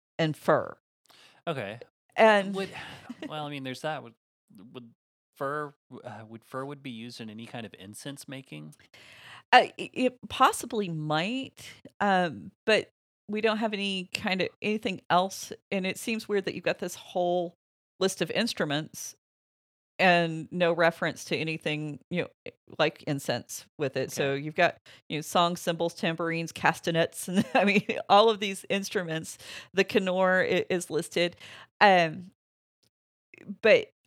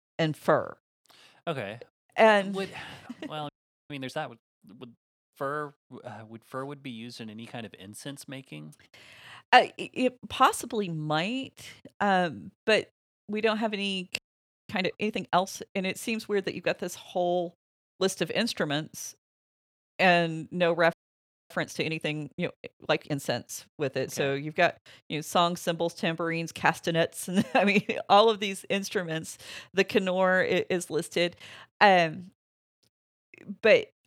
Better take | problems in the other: first | audio freezing; at 3.5 s, at 14 s for 0.5 s and at 21 s for 0.5 s

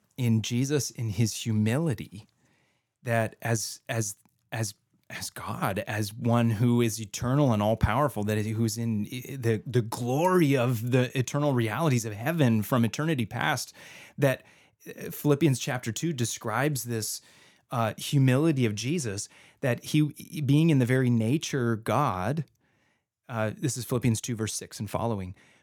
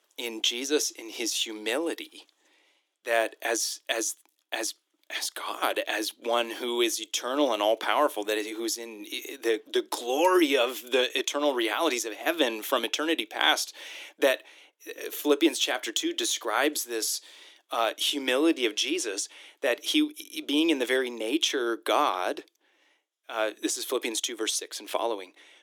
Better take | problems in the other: first | thin; very; fading below 300 Hz

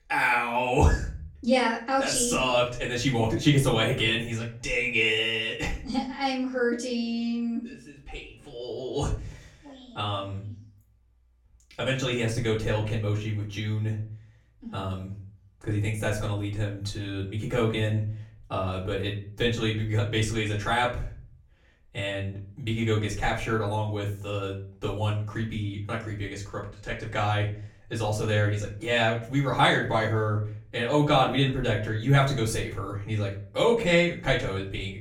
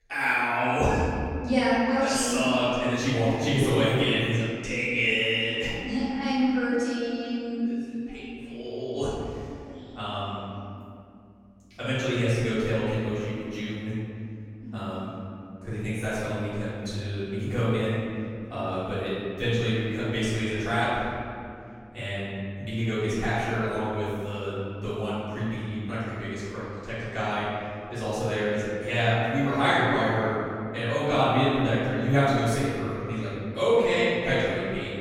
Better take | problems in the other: first | room echo; strong; dies away in 2.4 s; slight in the first // off-mic speech; far; far in the first

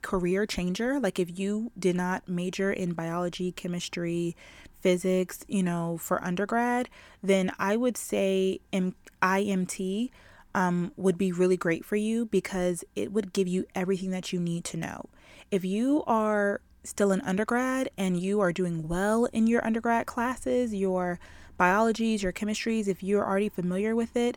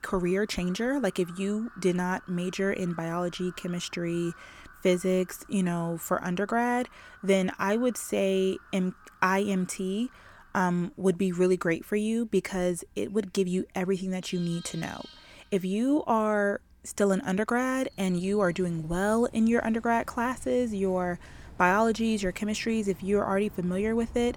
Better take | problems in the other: first | animal sounds; faint; throughout; 25 dB below the speech

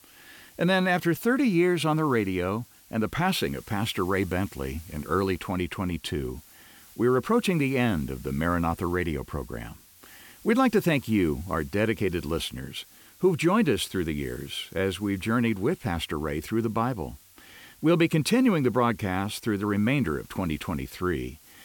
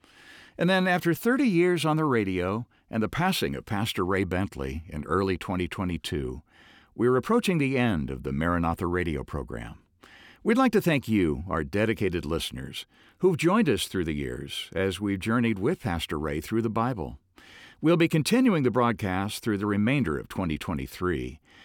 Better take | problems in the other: second | hiss; faint; throughout; 25 dB below the speech

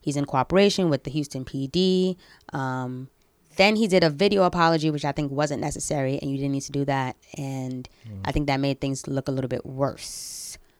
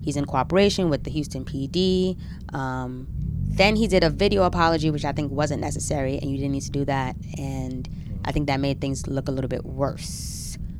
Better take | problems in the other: first | low rumble; noticeable; throughout; 20 dB below the speech

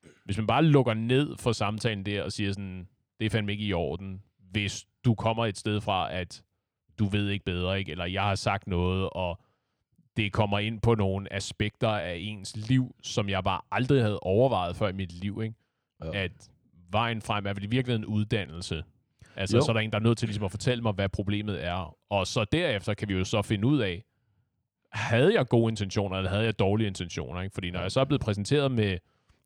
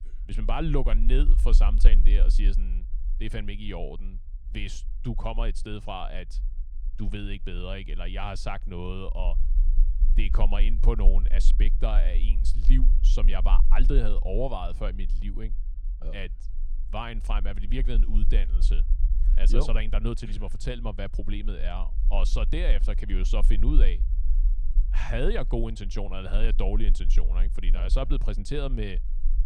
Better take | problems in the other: first | low rumble; noticeable; throughout; 15 dB below the speech

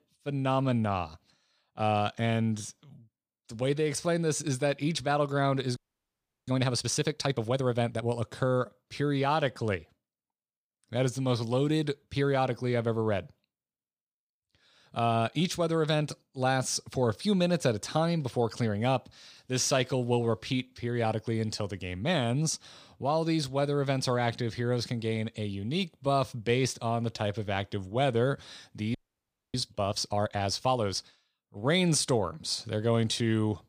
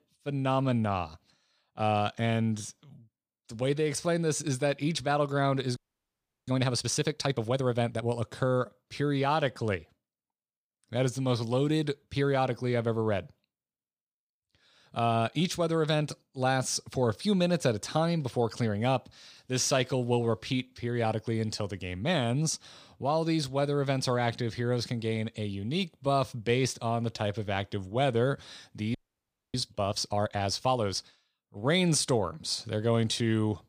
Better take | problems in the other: neither | audio freezing; at 6 s for 0.5 s and at 29 s for 0.5 s; the same in both

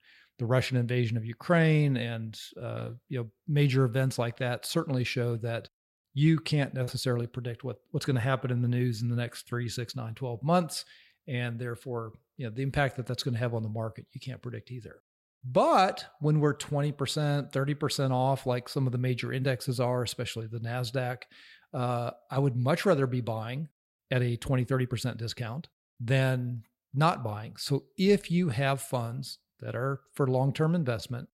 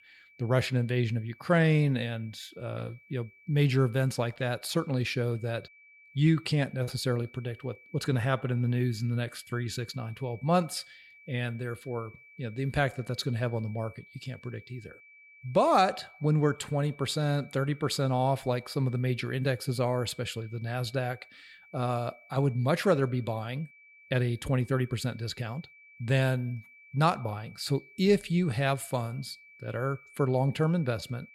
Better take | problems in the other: first | high-pitched whine; faint; throughout; 2.5 kHz, 25 dB below the speech

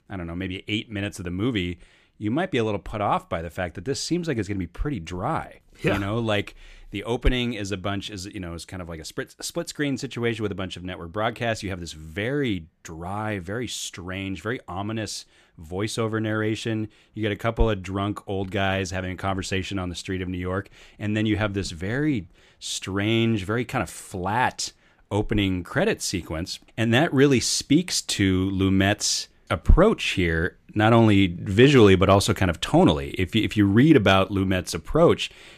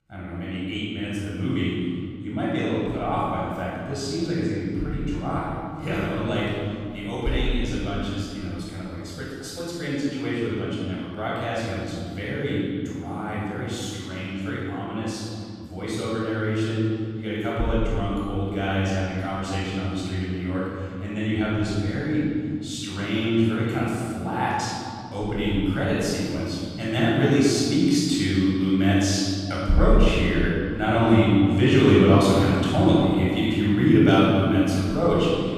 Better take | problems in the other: first | room echo; strong; dies away in 2.3 s // off-mic speech; far

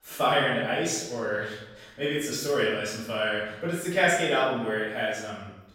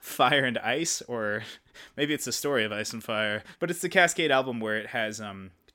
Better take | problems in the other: second | off-mic speech; far // room echo; noticeable; dies away in 0.8 s

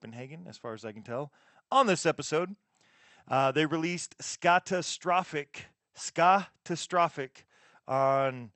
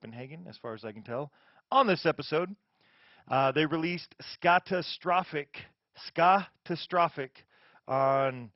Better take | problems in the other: first | garbled, watery; badly; nothing above 5.5 kHz; slightly in the first

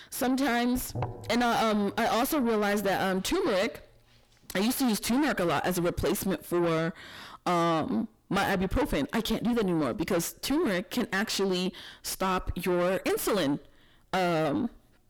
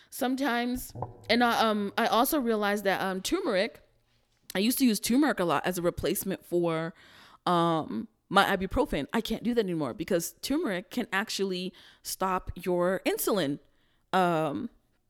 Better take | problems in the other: second | distortion; heavy; 6 dB below the speech

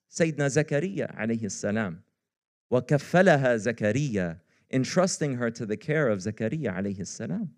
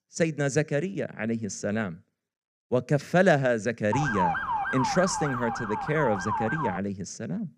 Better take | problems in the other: first | siren; loud; from 4 to 7 s; peak 1 dB above the speech

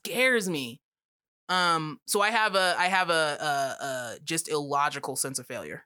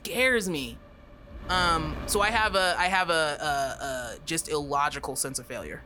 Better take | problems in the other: first | wind noise on the microphone; occasional gusts; 20 dB below the speech

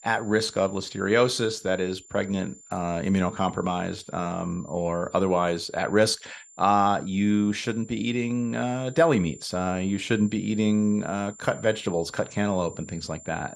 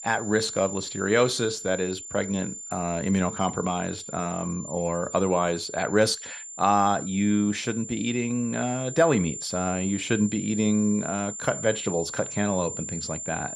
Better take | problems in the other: first | high-pitched whine; loud; throughout; 7 kHz, 9 dB below the speech; faint in the first

